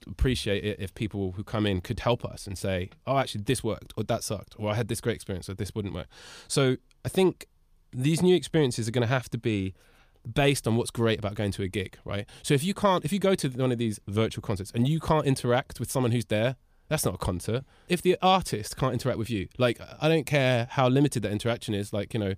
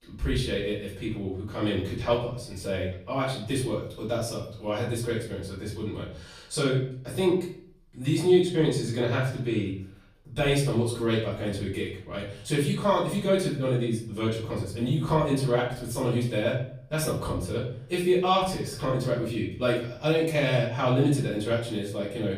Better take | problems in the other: first | off-mic speech; far // room echo; noticeable; dies away in 0.5 s

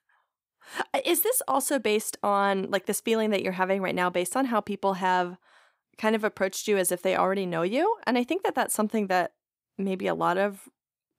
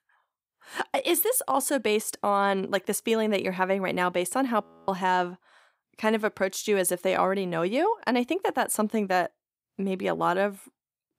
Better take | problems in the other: first | audio freezing; at 4.5 s

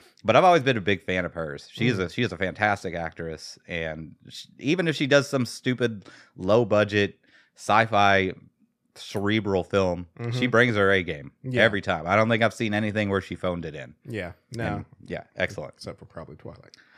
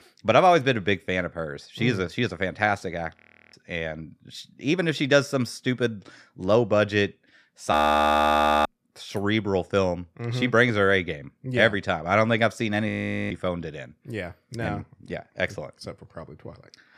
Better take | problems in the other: first | audio freezing; at 3 s, at 7.5 s for 1 s and at 13 s

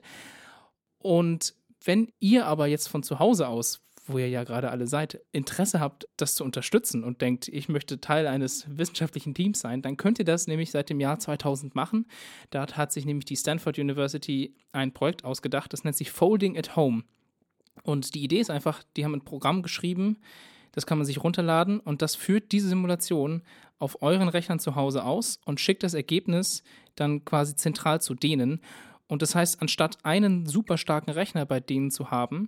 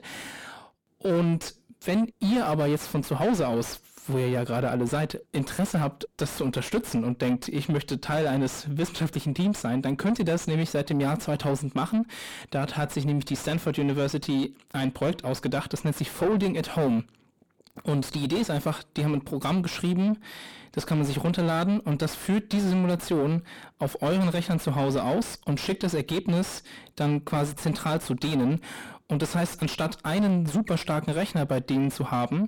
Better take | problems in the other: first | distortion; heavy; 6 dB below the speech

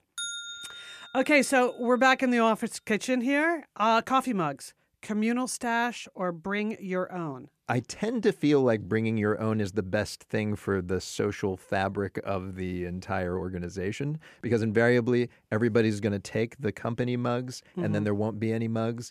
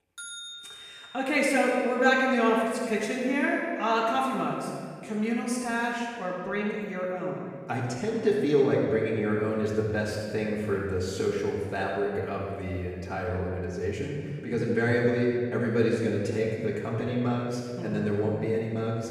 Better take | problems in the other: first | off-mic speech; far // room echo; noticeable; dies away in 1.8 s

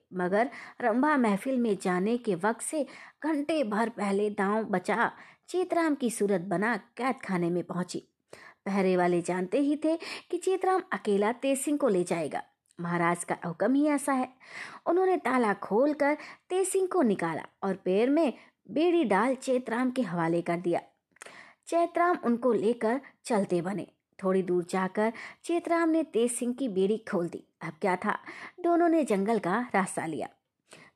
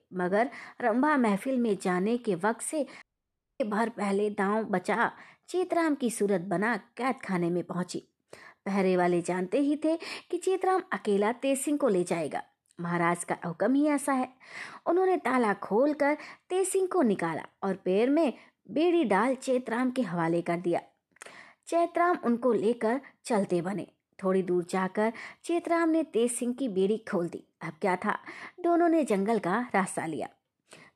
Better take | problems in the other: first | audio cutting out; at 3 s for 0.5 s

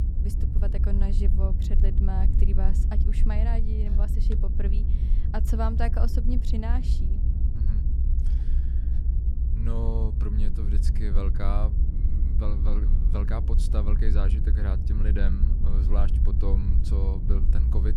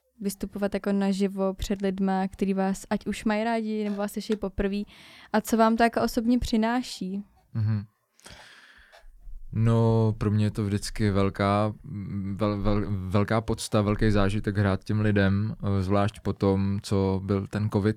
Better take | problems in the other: second | low rumble; loud; throughout; 5 dB below the speech

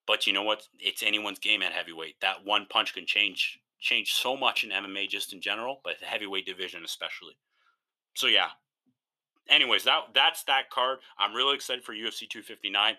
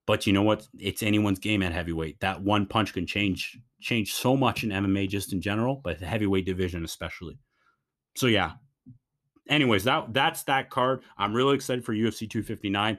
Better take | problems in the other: second | thin; very; fading below 650 Hz

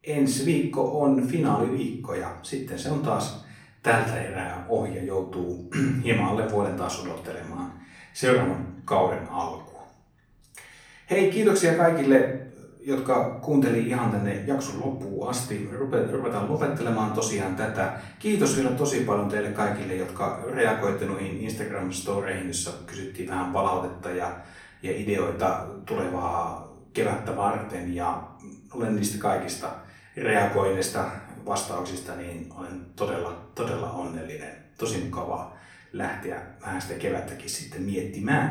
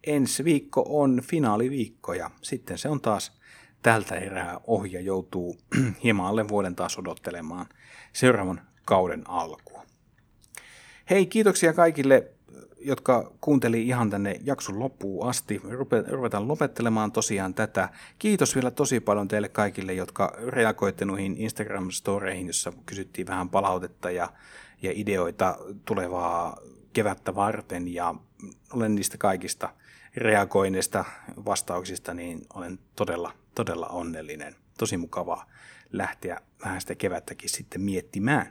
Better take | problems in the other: second | off-mic speech; far // room echo; slight; dies away in 0.6 s

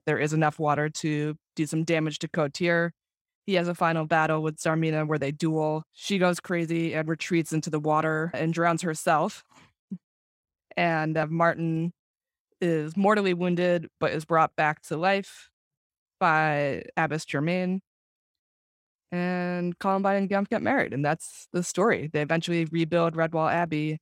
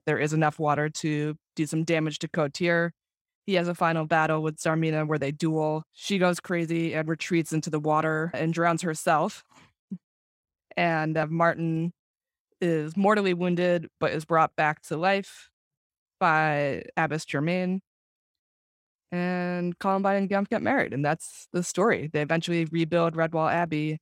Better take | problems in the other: neither | none

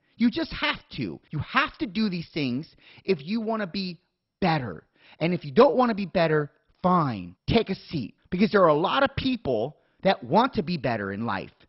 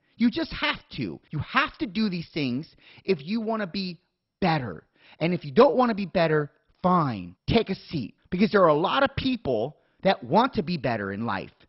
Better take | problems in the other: neither | garbled, watery; badly; nothing above 5.5 kHz; the same in both

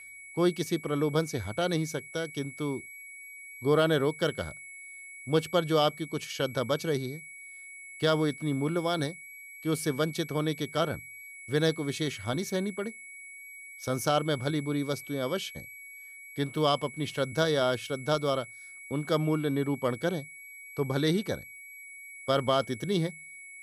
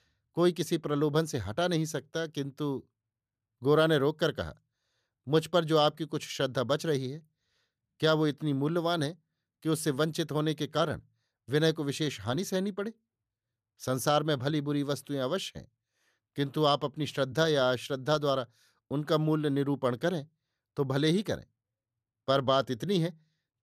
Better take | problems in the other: second | high-pitched whine; noticeable; throughout; 2 kHz, 15 dB below the speech

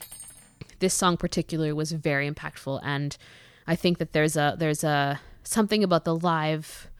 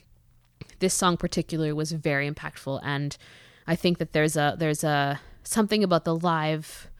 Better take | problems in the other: second | clattering dishes; faint; at the start; peak 15 dB below the speech

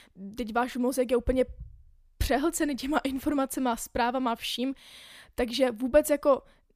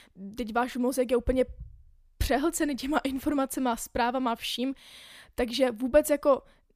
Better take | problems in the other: neither | none

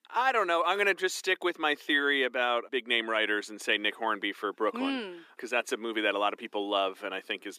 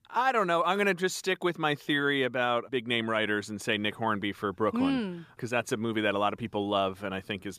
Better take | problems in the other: second | thin; very slightly; fading below 300 Hz

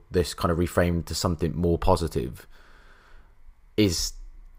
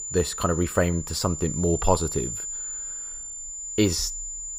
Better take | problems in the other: first | high-pitched whine; loud; throughout; 7 kHz, 6 dB below the speech

